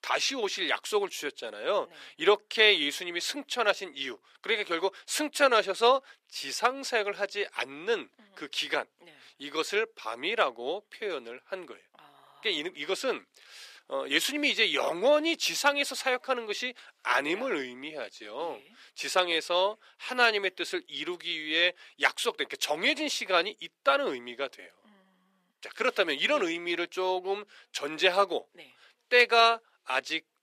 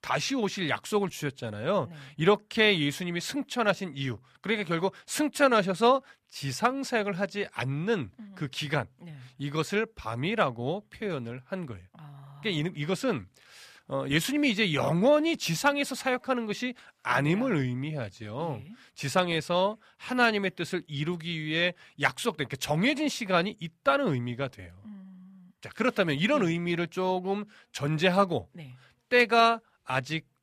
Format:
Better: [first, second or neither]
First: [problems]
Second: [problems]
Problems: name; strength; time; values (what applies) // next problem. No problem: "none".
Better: second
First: thin; somewhat; fading below 350 Hz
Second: none